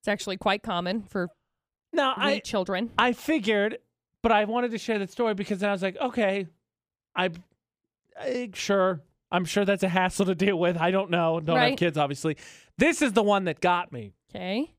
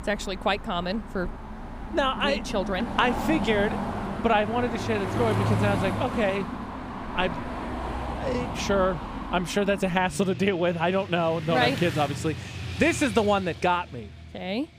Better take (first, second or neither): first